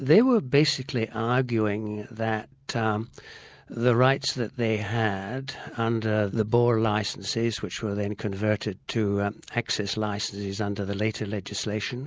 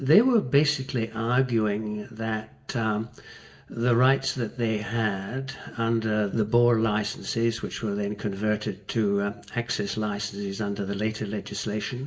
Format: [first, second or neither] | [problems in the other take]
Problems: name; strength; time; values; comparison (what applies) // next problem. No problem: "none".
first | room echo; dies away in 0.7 s